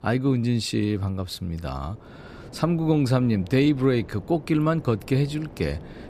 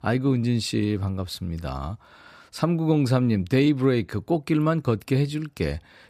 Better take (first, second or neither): second